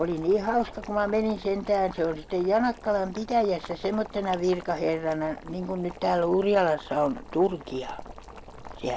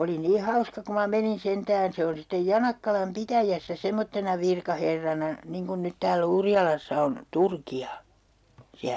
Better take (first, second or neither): second